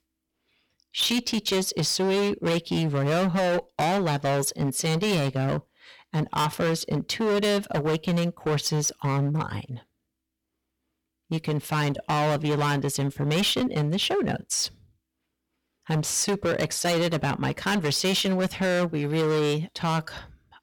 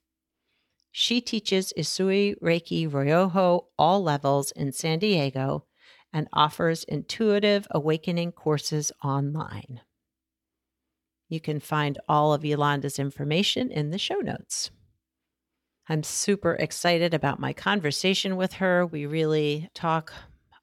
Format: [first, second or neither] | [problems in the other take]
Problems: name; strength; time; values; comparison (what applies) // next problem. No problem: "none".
second | distortion; heavy; 19% of the sound clipped